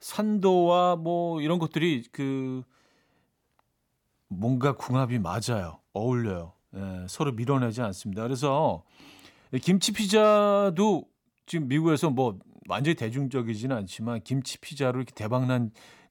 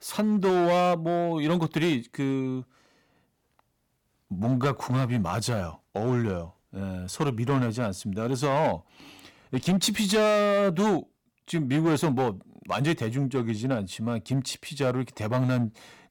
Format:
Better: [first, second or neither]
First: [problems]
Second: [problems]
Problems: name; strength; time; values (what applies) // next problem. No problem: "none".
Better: first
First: none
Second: distortion; slight; 8% of the sound clipped